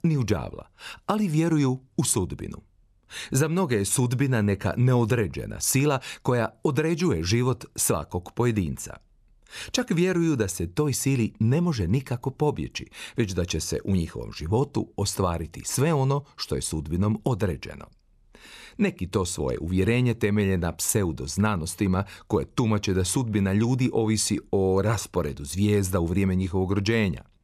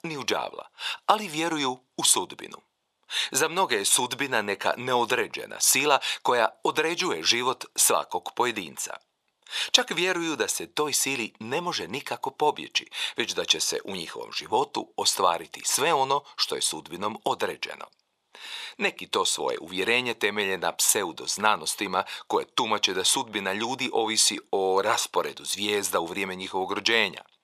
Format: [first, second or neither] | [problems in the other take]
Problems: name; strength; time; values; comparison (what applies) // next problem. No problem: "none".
first | thin; very; fading below 550 Hz